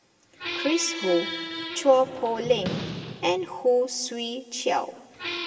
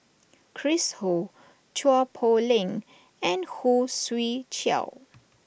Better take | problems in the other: second | background sound (Squeak); 9 dB below the speech // room echo; dies away in 2.9 s

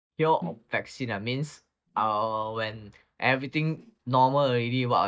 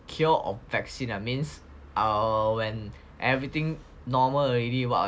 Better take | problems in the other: second | noise reduction (neural mask model DeepFilterNet 3)

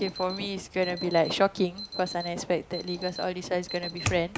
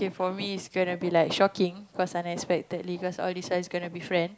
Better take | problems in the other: second | background sound (Alarm); 10 dB below the speech

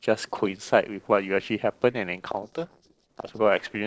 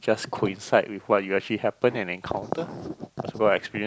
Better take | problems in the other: second | noise reduction (neural separator model SepFormer DNS4)

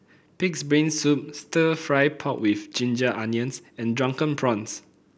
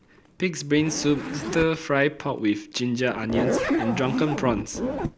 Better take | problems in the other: first | background sound (Zipper (clothing)); 5 dB below the speech

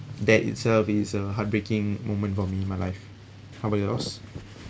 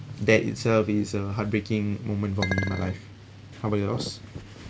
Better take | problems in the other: first | background sound (Chink, clink); 6 dB below the speech

